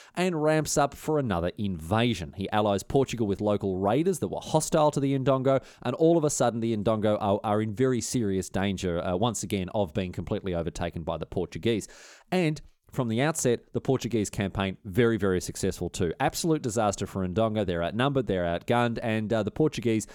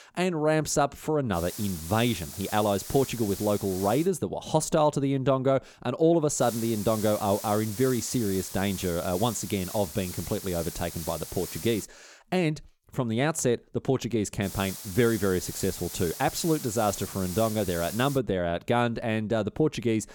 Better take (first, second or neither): first